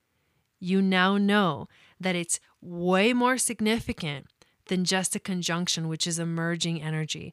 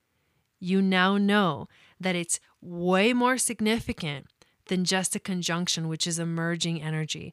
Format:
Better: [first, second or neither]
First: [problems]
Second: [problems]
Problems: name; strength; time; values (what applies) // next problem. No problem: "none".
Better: neither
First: none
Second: none